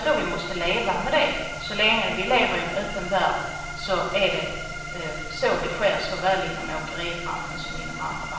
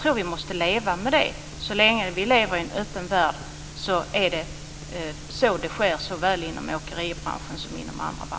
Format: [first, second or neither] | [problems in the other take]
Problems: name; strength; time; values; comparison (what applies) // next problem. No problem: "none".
second | background sound (Organ); 10 dB below the speech // room echo; dies away in 0.9 s